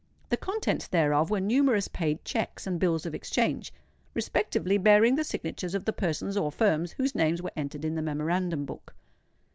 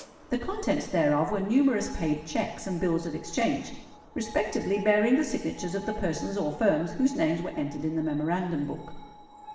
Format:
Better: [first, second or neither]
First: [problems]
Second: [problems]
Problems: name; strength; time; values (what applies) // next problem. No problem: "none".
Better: first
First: none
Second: background sound (Screech); 20 dB below the speech // room echo; dies away in 1 s